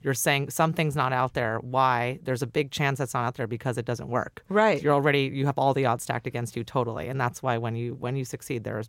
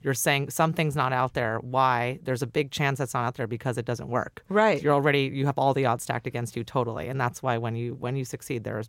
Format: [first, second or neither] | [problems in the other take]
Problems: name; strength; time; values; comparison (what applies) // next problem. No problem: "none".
neither | none